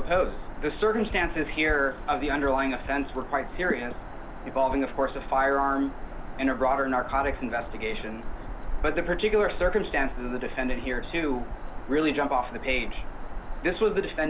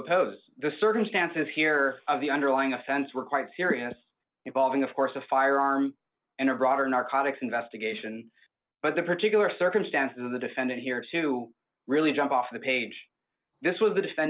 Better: second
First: background sound (Bird vocalization, bird call, bird song); 6 dB below the speech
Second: none

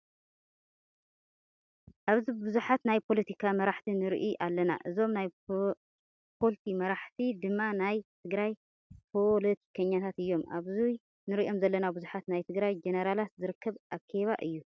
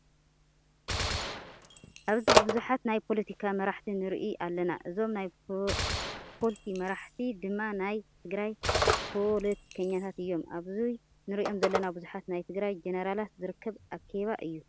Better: first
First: none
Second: background sound (Telephone + Gunshot, gunfire); 2 dB below the speech

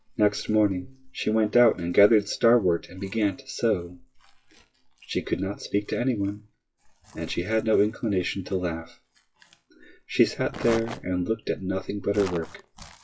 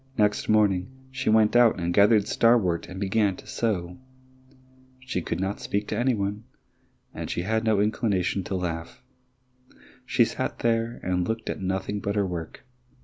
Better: second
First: noise reduction (classical method WPE with log-MMSE)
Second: none

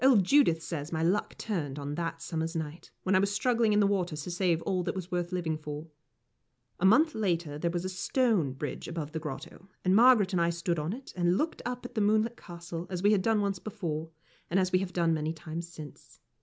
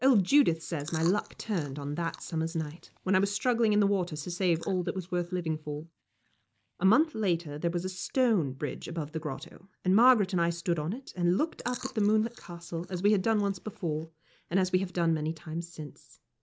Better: first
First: none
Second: noise reduction (neural mask model DeepFilterNet 3)

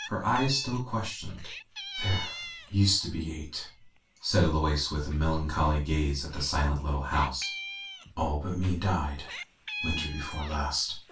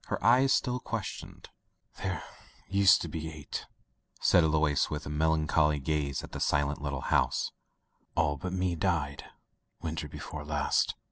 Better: second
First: background sound (Meow); 13 dB below the speech // room echo; dies away in 0.2 s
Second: none

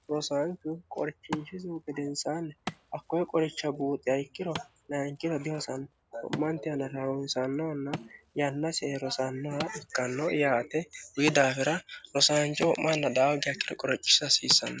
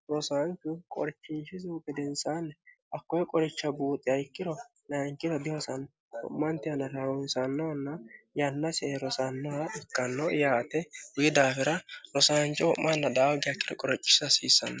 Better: second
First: background sound (Wood); 16 dB below the speech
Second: none

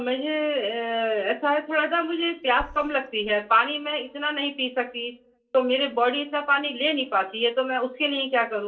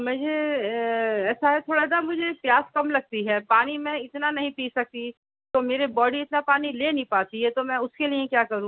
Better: second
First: noise reduction (neural separator model SepFormer DNS4)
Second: none

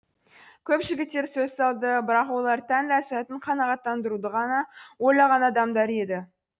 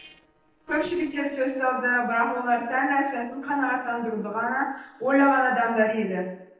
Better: first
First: none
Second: noise reduction (neural separator model SepFormer DNS4)

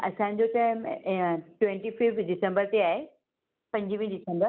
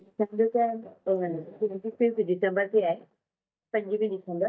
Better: first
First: none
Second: noise reduction (neural mask model DeepFilterNet 3)

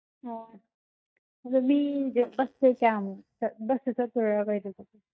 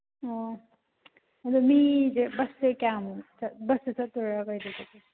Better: second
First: noise reduction (neural mask model DeepFilterNet 3)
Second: none

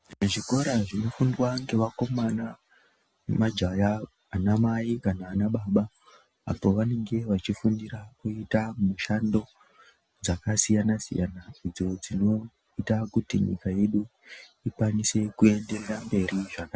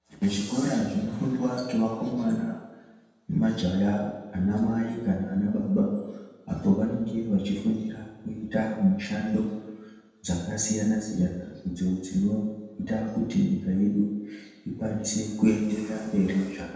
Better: first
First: none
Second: room echo; dies away in 1.1 s

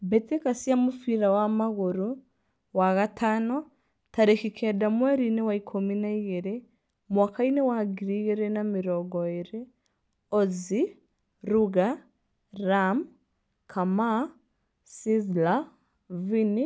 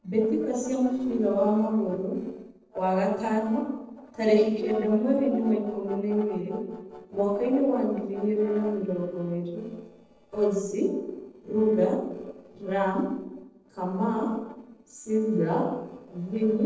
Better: first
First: none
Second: noise reduction (neural separator model SepFormer DNS4)

